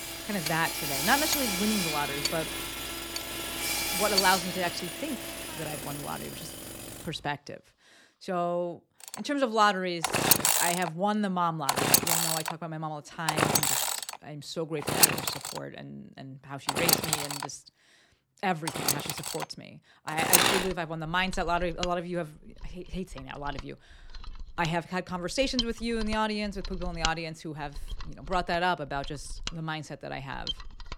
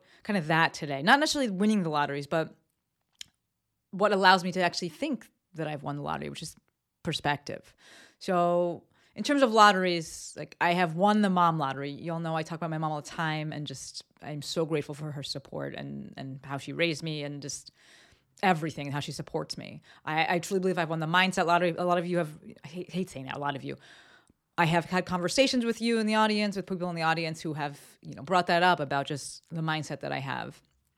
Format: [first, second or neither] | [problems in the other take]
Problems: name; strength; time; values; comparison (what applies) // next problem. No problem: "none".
second | machinery noise; very loud; throughout; 4 dB above the speech